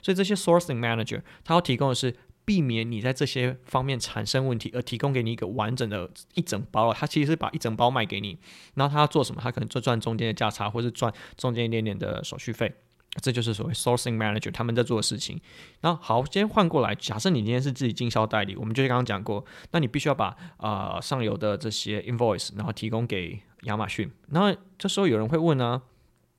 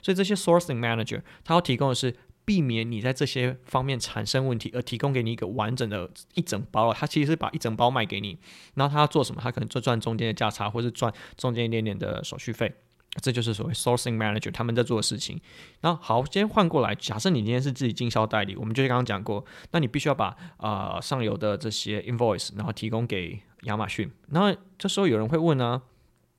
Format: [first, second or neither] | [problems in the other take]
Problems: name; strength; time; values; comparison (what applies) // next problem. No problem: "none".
neither | none